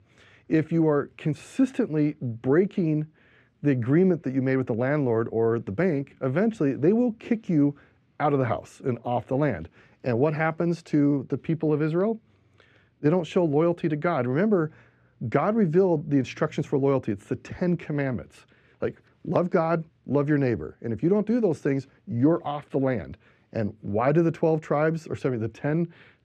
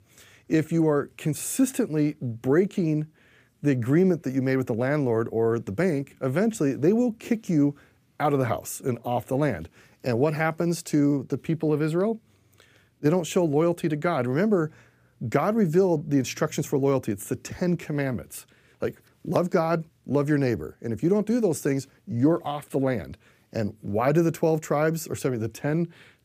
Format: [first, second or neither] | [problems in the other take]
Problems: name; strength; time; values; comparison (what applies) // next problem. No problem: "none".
second | muffled; slightly; fading above 3 kHz